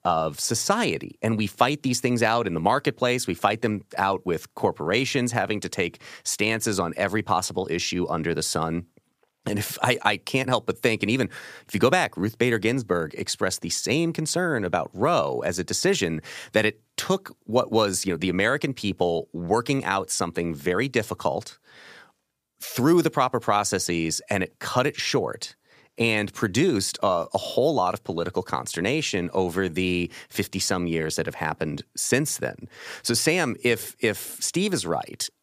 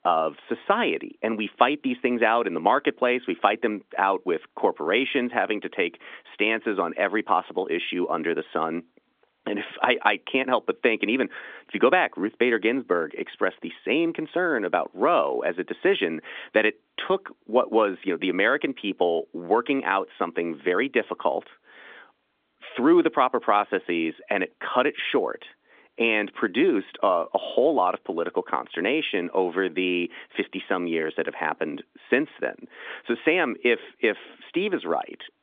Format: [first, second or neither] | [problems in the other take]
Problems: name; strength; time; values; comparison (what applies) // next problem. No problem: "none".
first | phone-call audio; nothing above 3.5 kHz